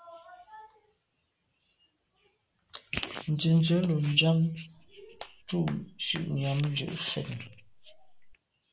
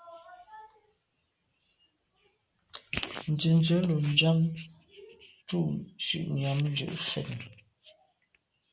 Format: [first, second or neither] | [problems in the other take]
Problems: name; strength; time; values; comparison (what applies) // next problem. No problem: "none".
second | background sound (Hands); 19 dB below the speech